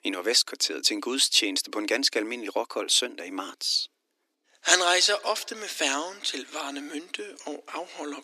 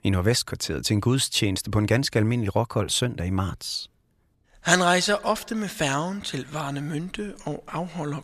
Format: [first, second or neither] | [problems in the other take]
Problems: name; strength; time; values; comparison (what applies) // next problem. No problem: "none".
second | thin; somewhat; fading below 300 Hz